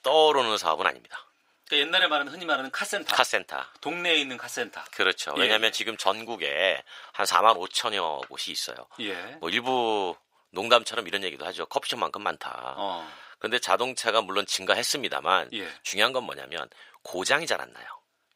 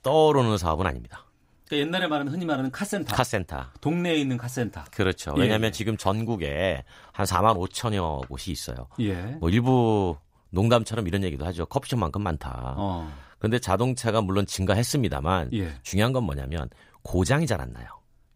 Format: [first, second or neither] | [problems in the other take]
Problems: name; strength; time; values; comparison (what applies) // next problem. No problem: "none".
second | thin; very; fading below 550 Hz